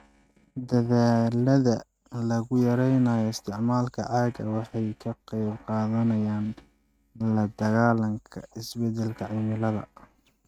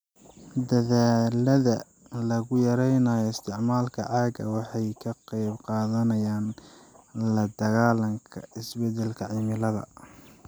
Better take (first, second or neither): second